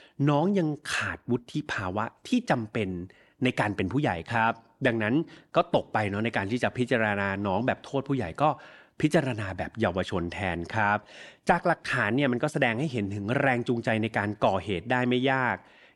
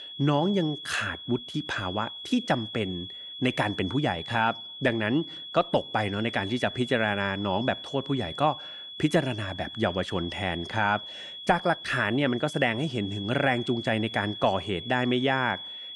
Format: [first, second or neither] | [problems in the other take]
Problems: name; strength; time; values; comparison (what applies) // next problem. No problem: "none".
first | high-pitched whine; loud; throughout; 3.5 kHz, 10 dB below the speech